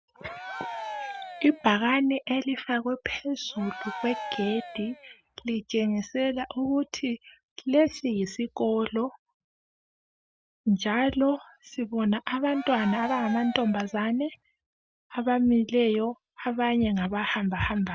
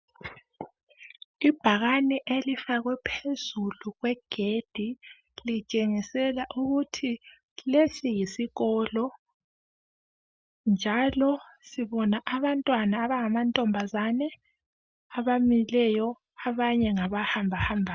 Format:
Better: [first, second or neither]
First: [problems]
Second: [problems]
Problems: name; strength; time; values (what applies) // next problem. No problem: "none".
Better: second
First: background sound (Cheering); 11 dB below the speech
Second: none